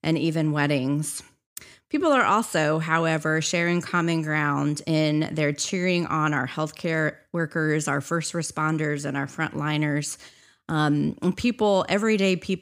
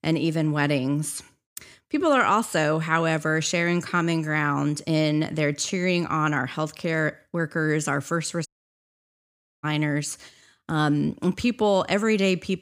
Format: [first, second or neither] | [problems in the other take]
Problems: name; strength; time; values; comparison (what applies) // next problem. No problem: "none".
first | audio cutting out; at 8.5 s for 1 s